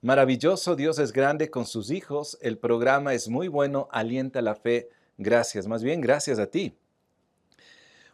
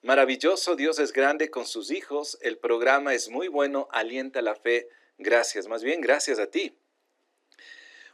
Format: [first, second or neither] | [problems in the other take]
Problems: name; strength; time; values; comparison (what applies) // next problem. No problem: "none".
first | thin; very slightly; fading below 300 Hz